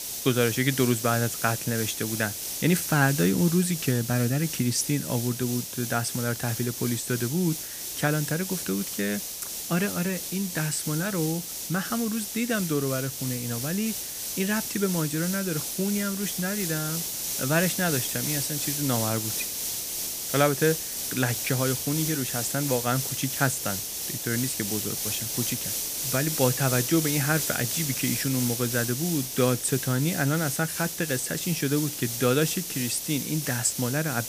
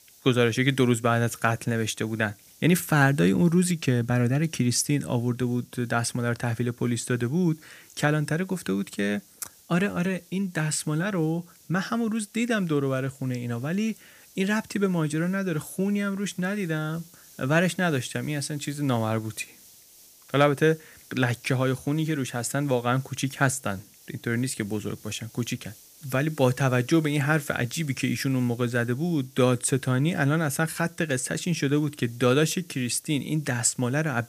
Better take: second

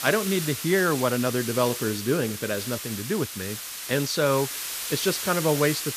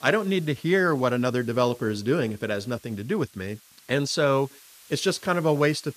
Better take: second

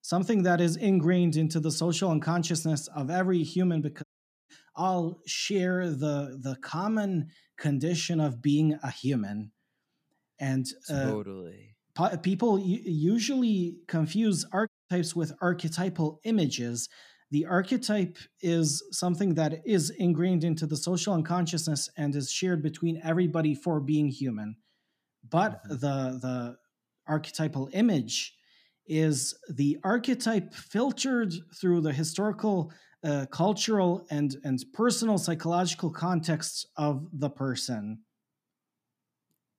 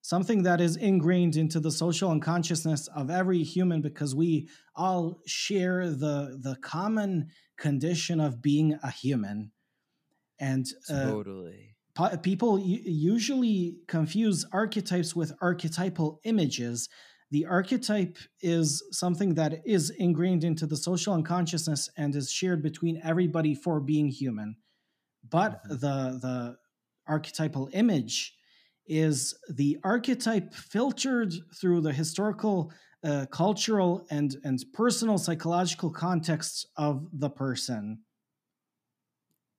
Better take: second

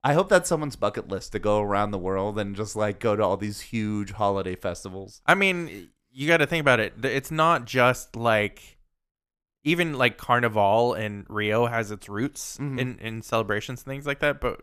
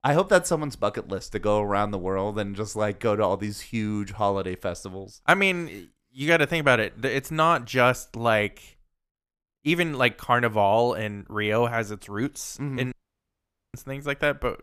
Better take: first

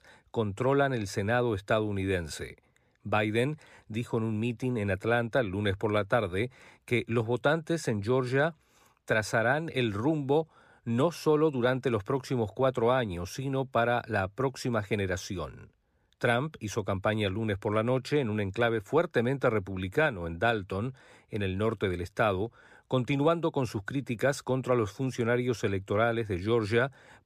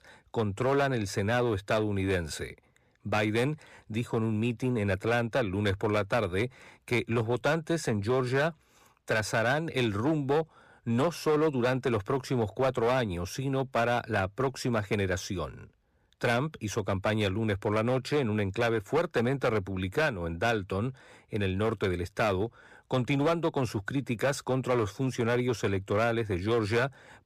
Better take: first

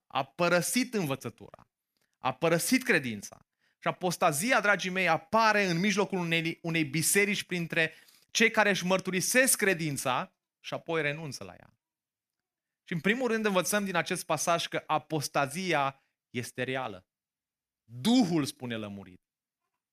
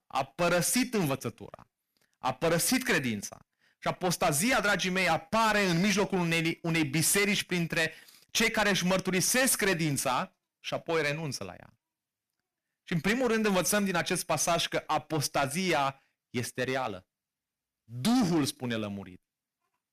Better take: first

